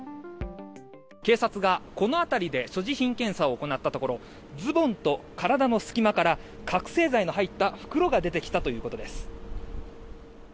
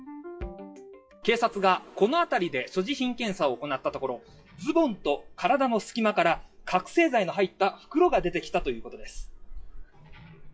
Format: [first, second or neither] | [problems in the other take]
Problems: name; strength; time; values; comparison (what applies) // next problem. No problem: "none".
first | noise reduction (classical method WPE with log-MMSE)